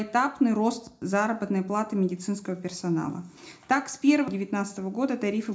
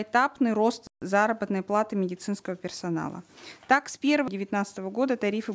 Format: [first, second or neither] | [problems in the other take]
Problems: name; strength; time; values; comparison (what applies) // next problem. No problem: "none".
second | room echo; dies away in 0.4 s